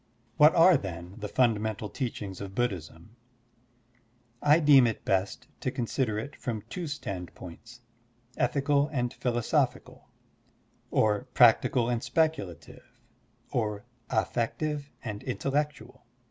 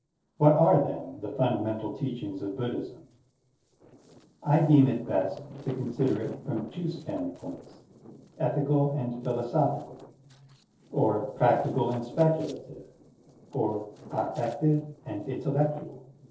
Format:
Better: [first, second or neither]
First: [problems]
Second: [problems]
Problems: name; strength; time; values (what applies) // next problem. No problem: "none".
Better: first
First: none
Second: noise reduction (neural separator model SepFormer DNS4)